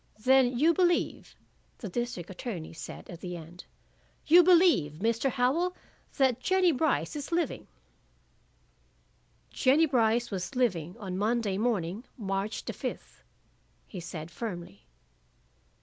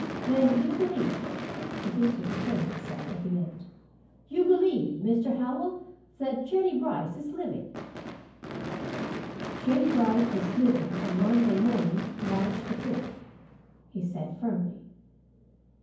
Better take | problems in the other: first | background sound (Gunshot, gunfire / Fireworks); 8 dB below the speech // room echo; dies away in 0.9 s

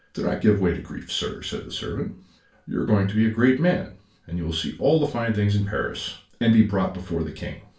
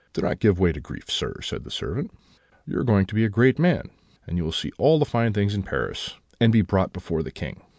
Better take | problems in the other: second | room echo; dies away in 0.3 s

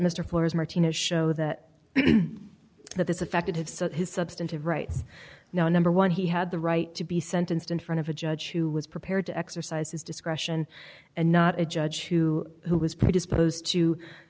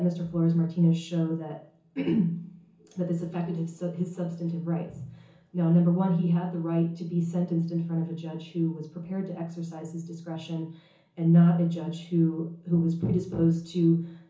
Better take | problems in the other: first | room echo; dies away in 0.7 s

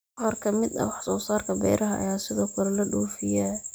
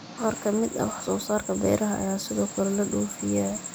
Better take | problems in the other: first | background sound (Engine); 16 dB below the speech

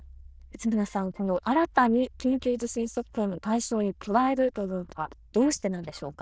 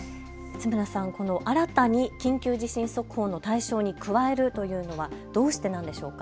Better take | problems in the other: second | noise reduction (neural diffusion model UNIVERSE++)

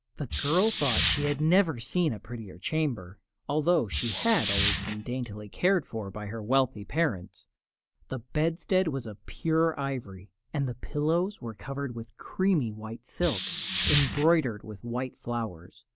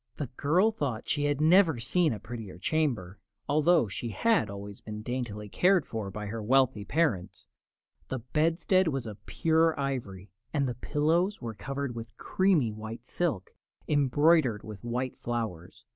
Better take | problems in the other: second | background sound (Hiss); 2 dB below the speech

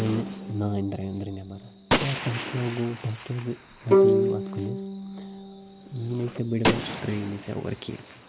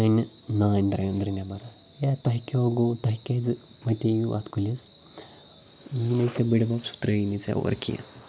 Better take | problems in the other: second | background sound (Bowed string instrument + Gunshot, gunfire); 3 dB above the speech

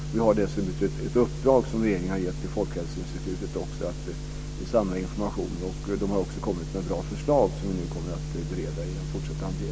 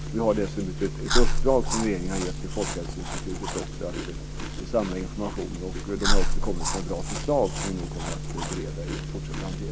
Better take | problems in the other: first | background sound (Chewing, mastication); 2 dB above the speech

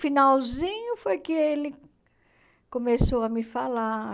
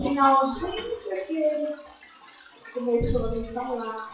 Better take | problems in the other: first | noise reduction (classical method WPE with log-MMSE)

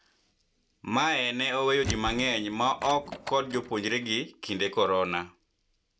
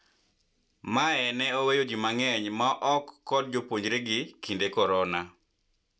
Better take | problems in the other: second | background sound (Door); 12 dB below the speech

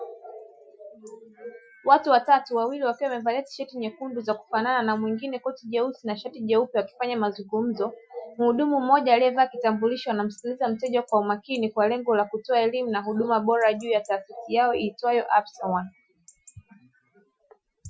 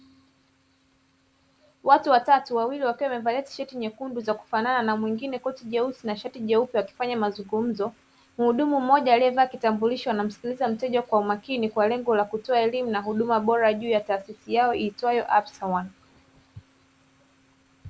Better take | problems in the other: second | noise reduction (classical method Wiener filter)

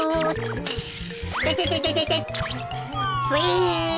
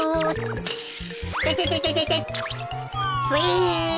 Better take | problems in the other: second | background sound (Cough + Explosion); 15 dB below the speech

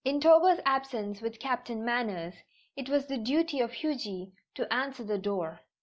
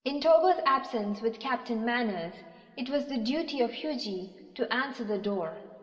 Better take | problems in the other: first | room echo; dies away in 1.8 s

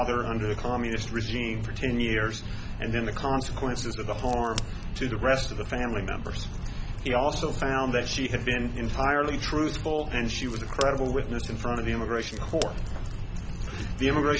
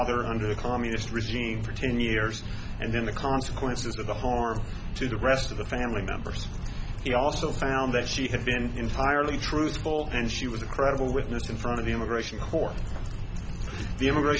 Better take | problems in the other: second | background sound (Crack); 17 dB below the speech

